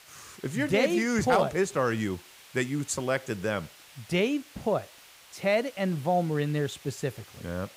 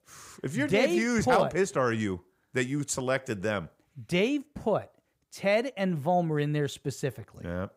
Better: second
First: hiss; faint; throughout; 20 dB below the speech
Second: none

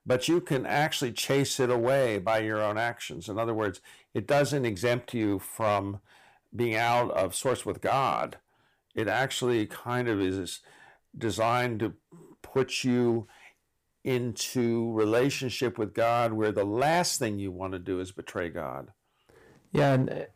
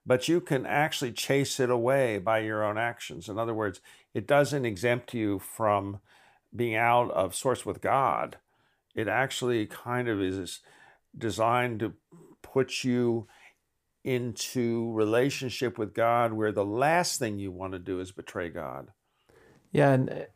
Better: second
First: distortion; slight; 4% of the sound clipped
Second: none

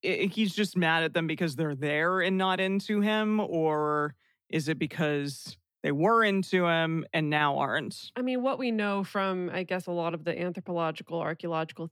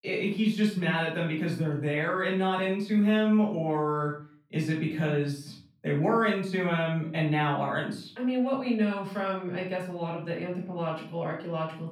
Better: first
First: none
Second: off-mic speech; far // room echo; noticeable; dies away in 0.4 s

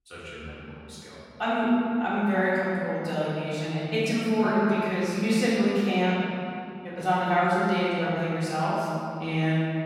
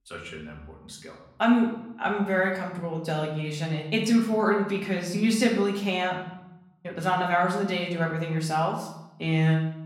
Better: second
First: room echo; strong; dies away in 2.4 s // off-mic speech; far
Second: room echo; slight; dies away in 0.7 s // off-mic speech; far

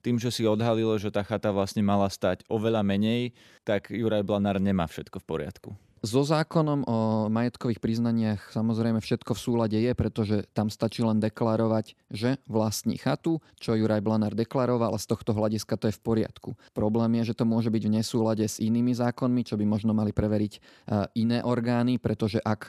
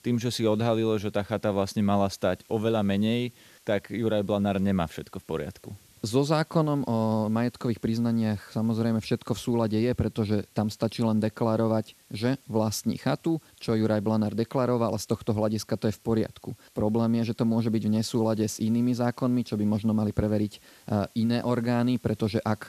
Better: first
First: none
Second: hiss; faint; throughout; 30 dB below the speech

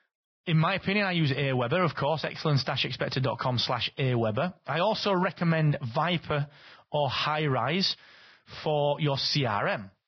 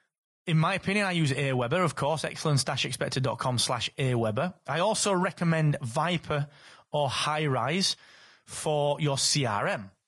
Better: second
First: garbled, watery; badly; nothing above 5.5 kHz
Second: garbled, watery; slightly; nothing above 10.5 kHz

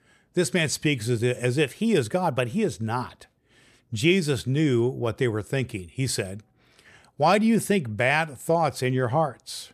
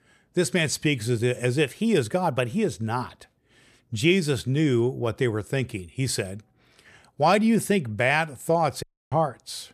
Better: first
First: none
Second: audio cutting out; at 9 s

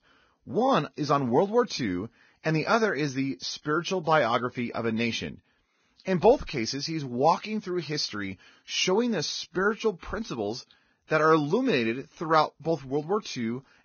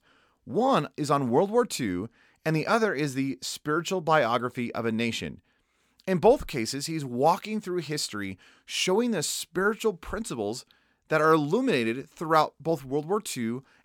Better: second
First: garbled, watery; badly; nothing above 6.5 kHz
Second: none

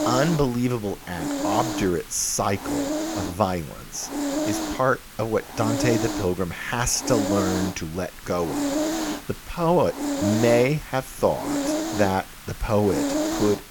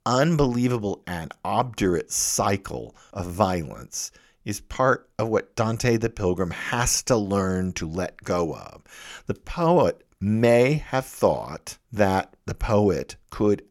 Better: second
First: hiss; loud; throughout; 3 dB below the speech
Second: none

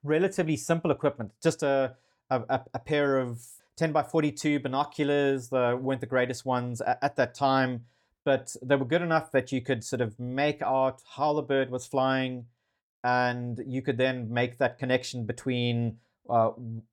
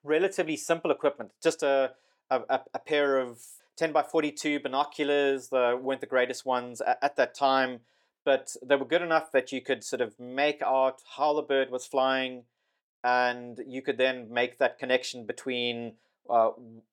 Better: first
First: none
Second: thin; somewhat; fading below 400 Hz

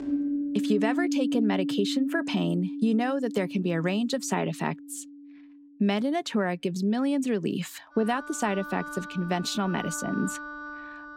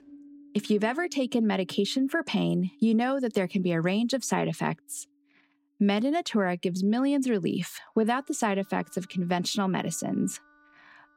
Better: second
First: background music; loud; throughout; 5 dB below the speech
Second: background music; faint; throughout; 25 dB below the speech

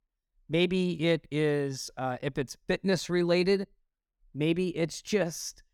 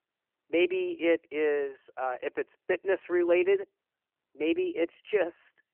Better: first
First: none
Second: phone-call audio; nothing above 3 kHz

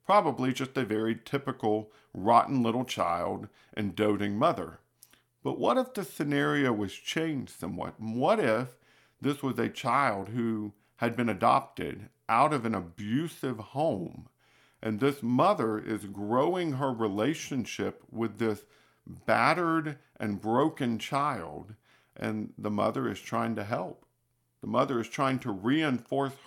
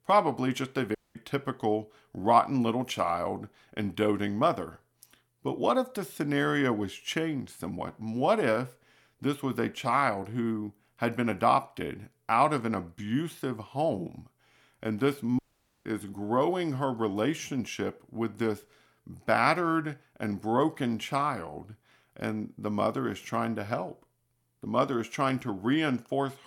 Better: first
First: none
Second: audio cutting out; at 1 s and at 15 s

